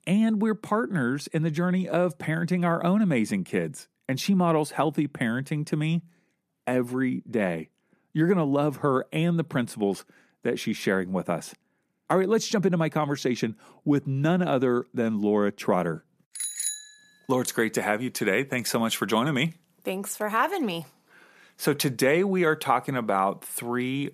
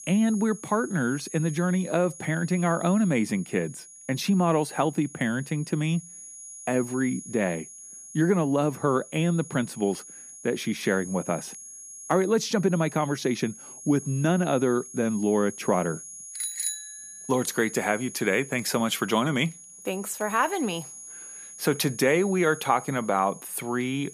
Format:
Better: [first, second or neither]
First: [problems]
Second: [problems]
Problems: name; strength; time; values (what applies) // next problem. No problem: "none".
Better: first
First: none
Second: high-pitched whine; noticeable; throughout; 6.5 kHz, 15 dB below the speech